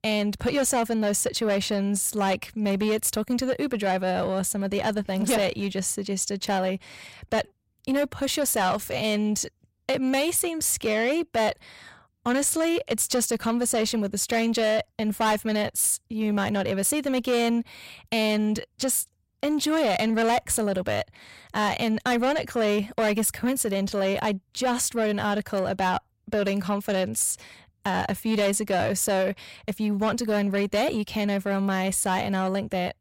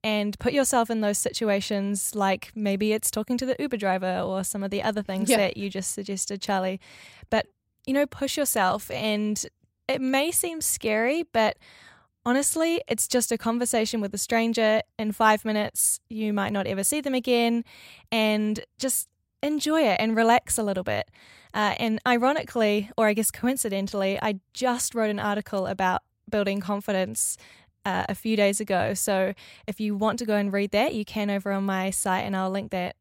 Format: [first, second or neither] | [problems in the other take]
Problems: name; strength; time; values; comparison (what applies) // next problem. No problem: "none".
second | distortion; slight; 10 dB below the speech